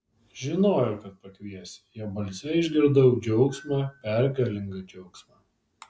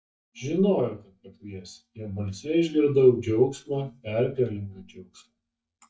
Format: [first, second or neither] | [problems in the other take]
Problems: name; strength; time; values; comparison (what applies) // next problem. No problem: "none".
first | noise reduction (neural mask model DeepFilterNet 3)